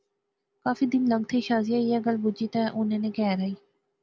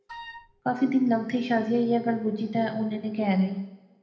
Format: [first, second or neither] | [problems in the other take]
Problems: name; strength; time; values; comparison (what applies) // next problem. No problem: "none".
first | background sound (Wind instrument, woodwind instrument); 17 dB below the speech // room echo; dies away in 0.9 s